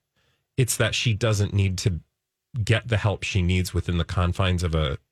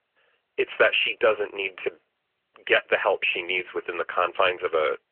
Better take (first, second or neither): first